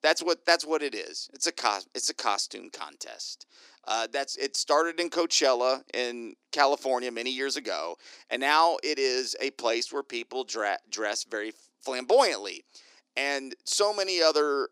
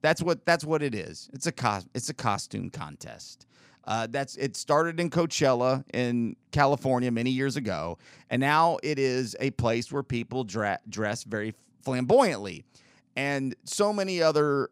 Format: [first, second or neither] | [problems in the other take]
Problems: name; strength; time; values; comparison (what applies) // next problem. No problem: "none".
second | thin; somewhat; fading below 300 Hz